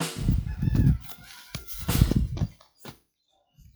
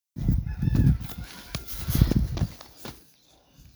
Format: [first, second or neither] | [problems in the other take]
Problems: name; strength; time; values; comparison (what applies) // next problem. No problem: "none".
second | noise reduction (classical method log-MMSE)